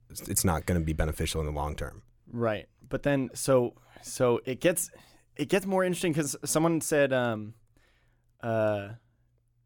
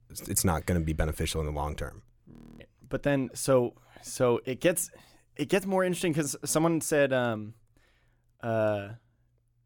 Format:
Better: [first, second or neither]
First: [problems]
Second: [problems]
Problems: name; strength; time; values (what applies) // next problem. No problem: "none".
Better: first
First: none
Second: audio freezing; at 2.5 s